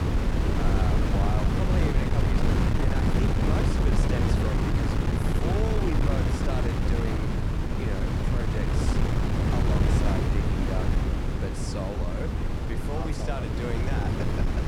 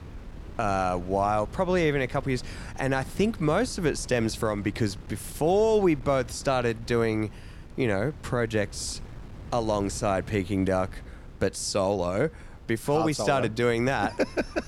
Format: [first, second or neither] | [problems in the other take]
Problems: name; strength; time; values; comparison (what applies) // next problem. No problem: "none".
second | wind noise on the microphone; heavy; 4 dB above the speech; occasional gusts in the second